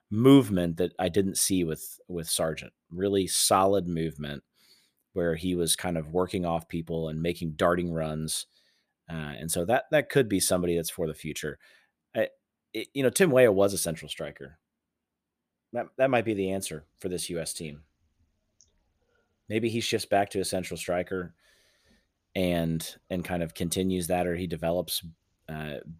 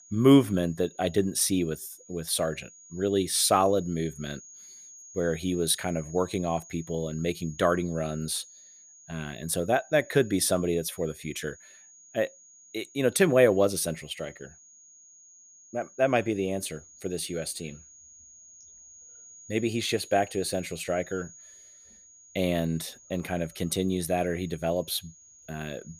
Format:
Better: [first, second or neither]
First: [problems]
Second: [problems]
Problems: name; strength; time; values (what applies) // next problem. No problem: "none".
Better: first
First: none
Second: high-pitched whine; faint; throughout; 6.5 kHz, 20 dB below the speech